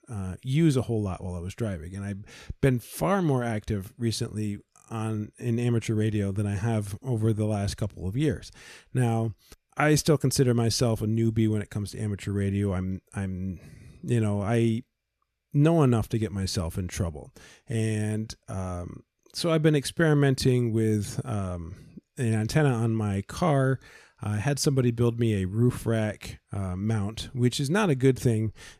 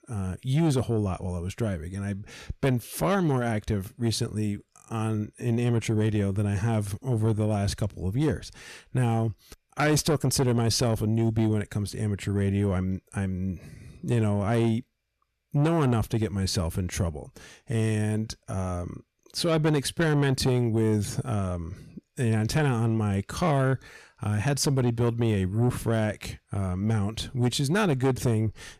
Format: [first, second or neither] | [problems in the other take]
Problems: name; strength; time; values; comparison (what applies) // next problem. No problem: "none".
first | distortion; slight; 10 dB below the speech